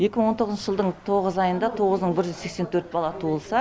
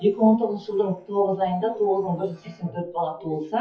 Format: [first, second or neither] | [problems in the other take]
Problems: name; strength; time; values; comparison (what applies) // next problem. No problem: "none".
first | noise reduction (classical method WPE with log-MMSE)